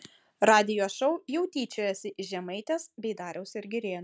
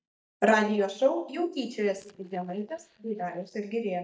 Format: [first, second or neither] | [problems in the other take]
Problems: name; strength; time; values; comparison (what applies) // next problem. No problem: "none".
first | noise reduction (neural mask model DeepFilterNet 3)